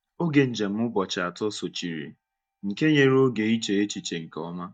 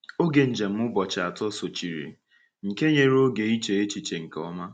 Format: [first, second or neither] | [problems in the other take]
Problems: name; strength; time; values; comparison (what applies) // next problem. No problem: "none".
second | noise reduction (neural mask model DeepFilterNet 3)